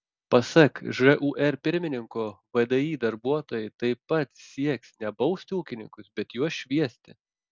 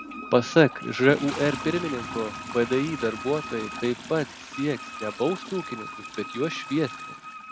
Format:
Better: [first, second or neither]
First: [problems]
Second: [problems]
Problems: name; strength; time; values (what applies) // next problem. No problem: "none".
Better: first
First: none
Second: background sound (Wind instrument, woodwind instrument + Toilet flush); 10 dB below the speech